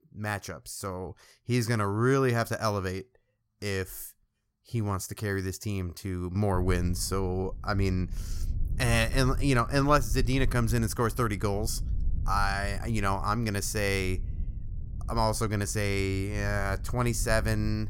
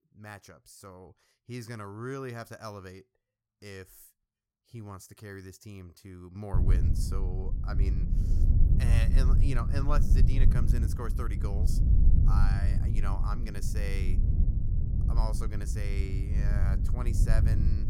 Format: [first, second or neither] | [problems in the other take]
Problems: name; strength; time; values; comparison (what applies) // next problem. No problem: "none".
first | low rumble; loud; from 6.5 s on; 2 dB below the speech; faint in the first